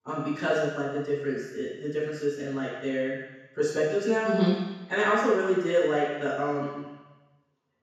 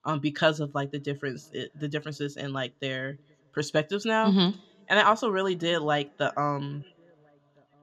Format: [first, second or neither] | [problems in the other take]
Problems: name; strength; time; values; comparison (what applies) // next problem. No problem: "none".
second | room echo; strong; dies away in 1.1 s; slight in the second // off-mic speech; far